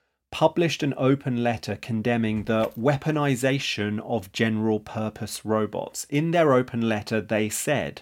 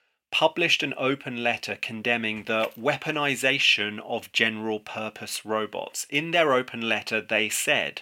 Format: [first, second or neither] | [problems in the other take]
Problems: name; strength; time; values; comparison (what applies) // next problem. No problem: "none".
first | thin; very slightly; fading below 600 Hz